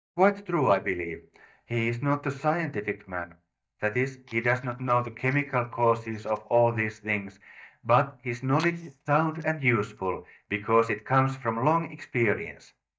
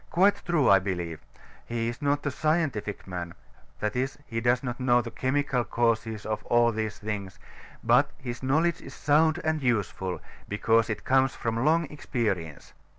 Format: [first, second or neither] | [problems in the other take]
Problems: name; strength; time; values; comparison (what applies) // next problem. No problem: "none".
second | noise reduction (neural mask model DeepFilterNet 3)